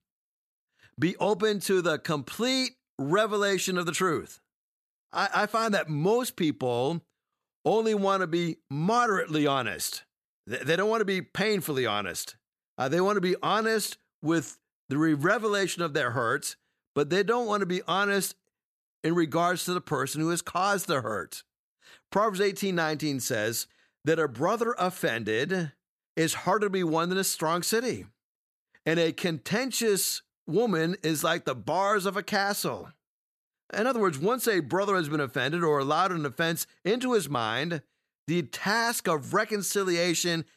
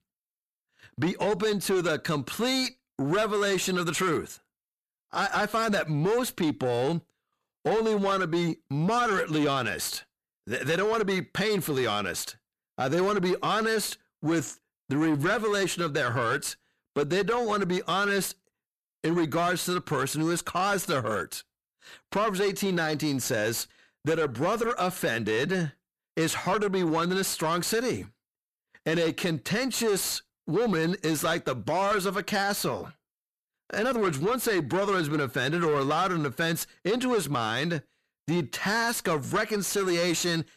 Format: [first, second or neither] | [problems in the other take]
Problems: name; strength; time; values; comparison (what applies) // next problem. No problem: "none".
first | distortion; slight; 10 dB below the speech